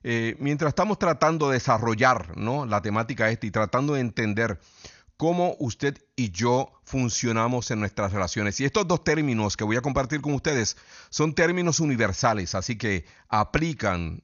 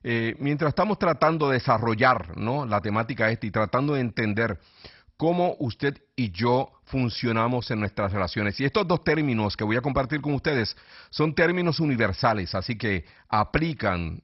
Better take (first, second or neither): first